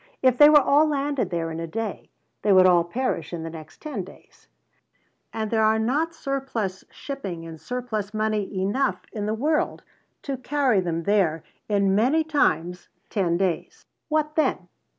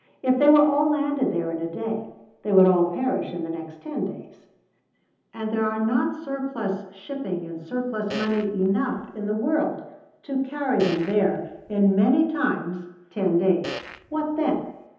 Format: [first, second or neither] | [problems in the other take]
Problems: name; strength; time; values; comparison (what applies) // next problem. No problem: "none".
first | background sound (Fart); 14 dB below the speech // room echo; dies away in 0.9 s